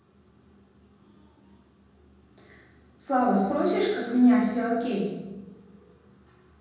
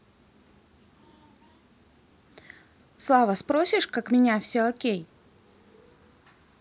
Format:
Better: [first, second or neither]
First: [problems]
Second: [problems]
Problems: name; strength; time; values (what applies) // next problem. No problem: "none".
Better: second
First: room echo; dies away in 1.3 s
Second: none